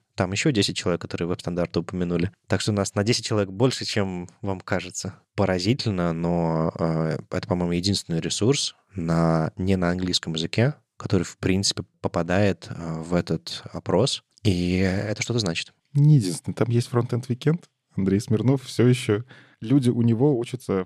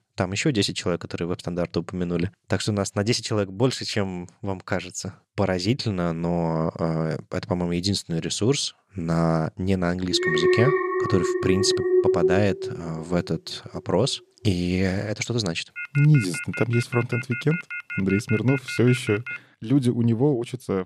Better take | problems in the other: first | alarm; loud; from 10 to 13 s; peak 5 dB above the speech // phone ringing; noticeable; from 16 to 19 s; peak 7 dB below the speech

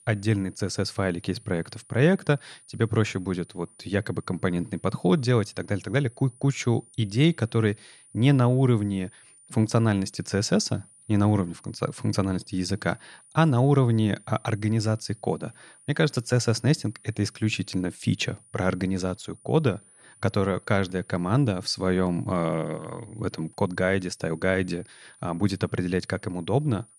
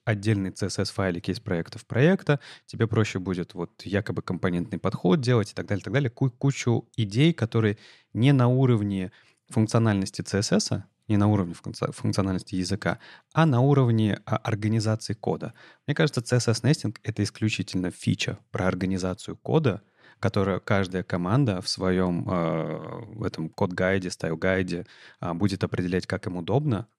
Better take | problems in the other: second | high-pitched whine; faint; throughout; 9.5 kHz, 25 dB below the speech

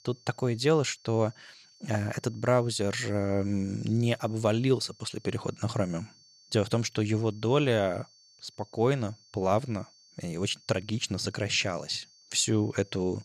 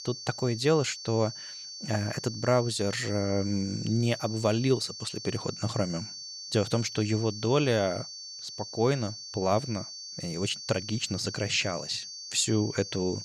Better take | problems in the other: first | high-pitched whine; loud; throughout; 4.5 kHz, 10 dB below the speech; faint in the first

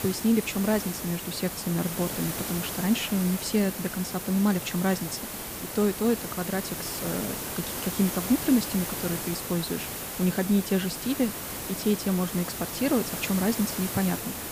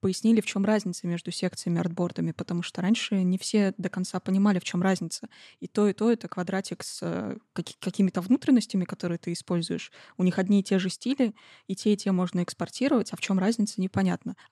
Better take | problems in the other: second | hiss; loud; throughout; 5 dB below the speech

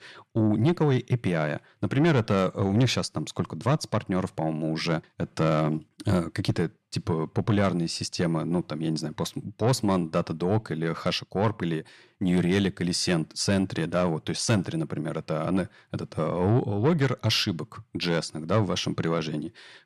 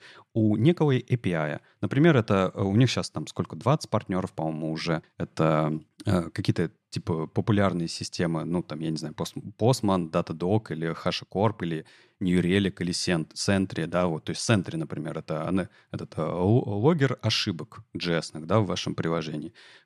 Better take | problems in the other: second | distortion; slight; 10 dB below the speech

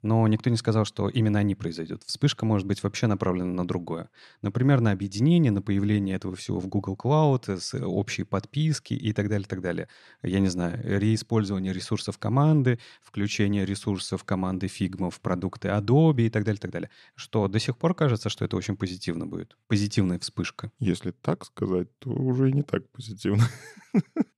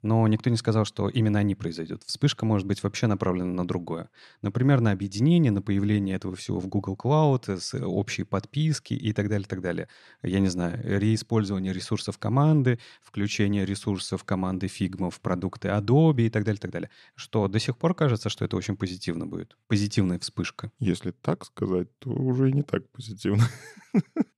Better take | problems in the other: neither | none

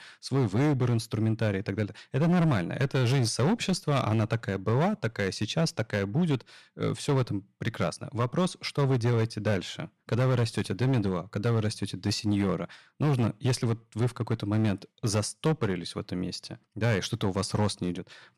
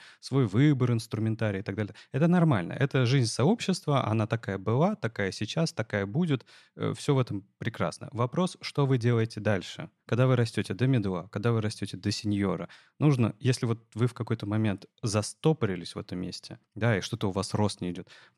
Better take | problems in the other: second | distortion; slight; 11% of the sound clipped

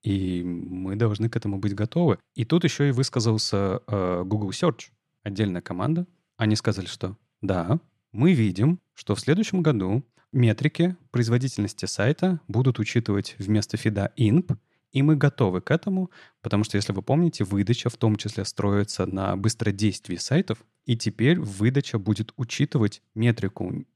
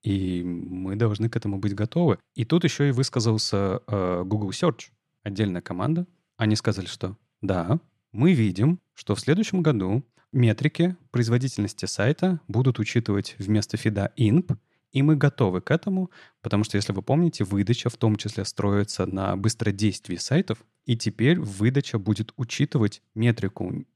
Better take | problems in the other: neither | none

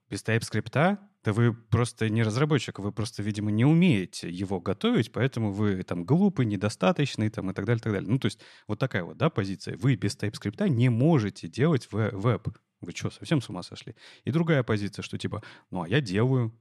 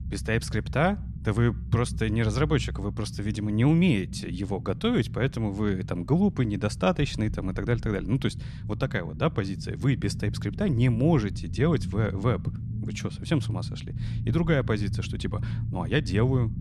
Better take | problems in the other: first | low rumble; noticeable; throughout; 15 dB below the speech

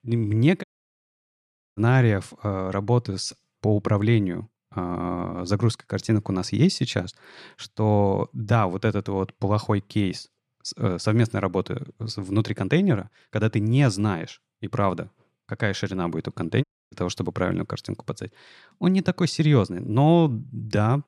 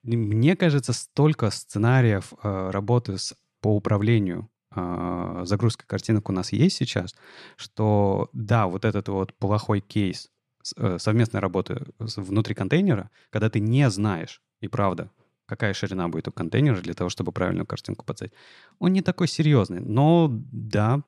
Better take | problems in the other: second | audio cutting out; at 0.5 s for 1 s and at 17 s

